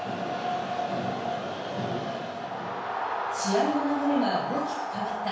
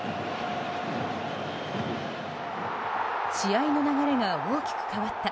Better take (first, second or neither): second